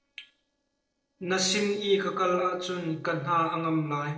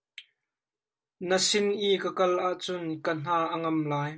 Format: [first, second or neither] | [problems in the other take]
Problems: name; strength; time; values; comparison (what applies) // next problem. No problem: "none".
second | noise reduction (neural separator model SepFormer DNS4)